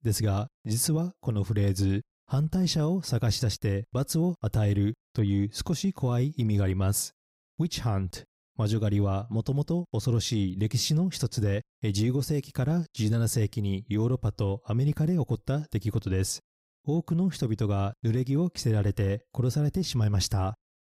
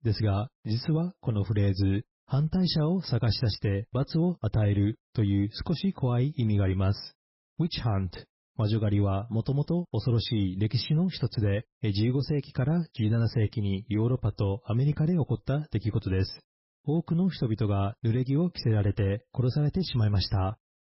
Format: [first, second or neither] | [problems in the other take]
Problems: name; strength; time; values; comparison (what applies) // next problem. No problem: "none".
first | garbled, watery; badly; nothing above 5.5 kHz